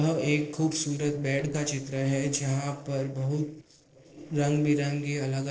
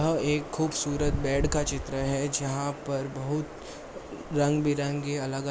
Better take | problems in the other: second | noise reduction (neural separator model SepFormer DNS4)

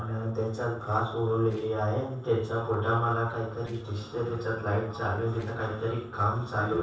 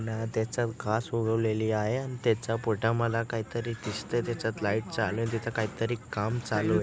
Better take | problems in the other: second | noise reduction (neural separator model SepFormer DNS4)

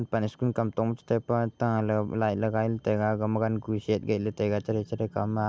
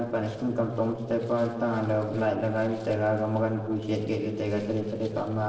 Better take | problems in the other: first | noise reduction (neural separator model SepFormer DNS4)

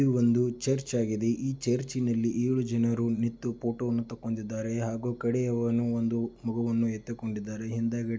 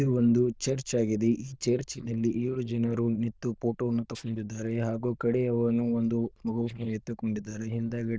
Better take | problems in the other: first | noise reduction (neural diffusion model UNIVERSE++)

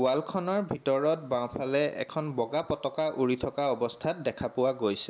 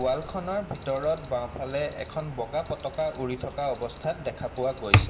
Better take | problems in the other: first | background sound (Alarm); 2 dB below the speech // room echo; dies away in 0.5 s

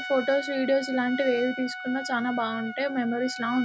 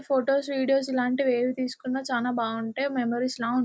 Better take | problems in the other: second | background sound (Trumpet); 10 dB below the speech

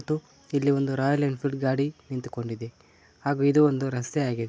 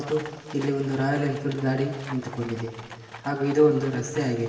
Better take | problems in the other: first | background sound (Livestock, farm animals, working animals); 17 dB below the speech // room echo; dies away in 1.3 s

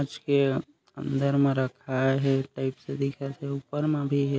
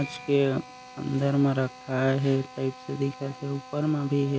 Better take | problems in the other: first | background sound (Drill + Piano); 18 dB below the speech

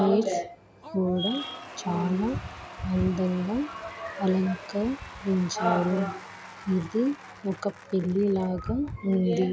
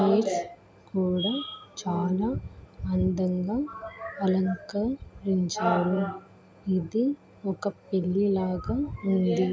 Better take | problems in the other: second | background sound (Applause / Crowd / Cheering); 18 dB below the speech

